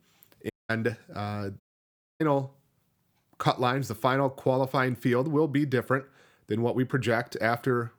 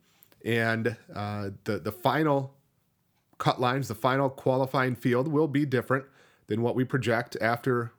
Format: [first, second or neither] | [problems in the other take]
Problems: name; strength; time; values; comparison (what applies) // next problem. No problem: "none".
second | audio cutting out; at 0.5 s and at 1.5 s for 0.5 s